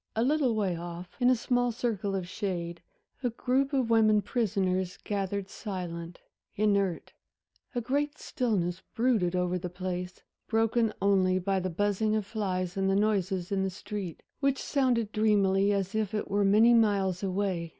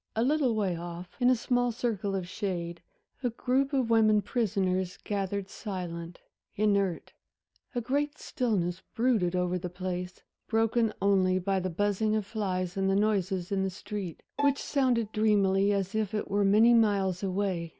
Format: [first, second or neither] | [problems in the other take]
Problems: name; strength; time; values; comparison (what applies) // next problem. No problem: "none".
first | background sound (Bowed string instrument); 11 dB below the speech